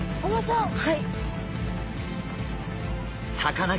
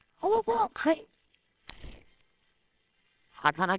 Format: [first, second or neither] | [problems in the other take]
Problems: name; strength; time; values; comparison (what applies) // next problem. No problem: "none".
first | noise reduction (neural separator model SepFormer WHAMR!)